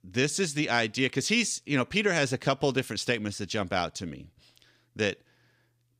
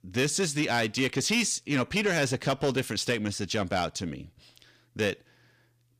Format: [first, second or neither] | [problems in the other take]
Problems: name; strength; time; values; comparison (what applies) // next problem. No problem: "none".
first | distortion; slight; 10 dB below the speech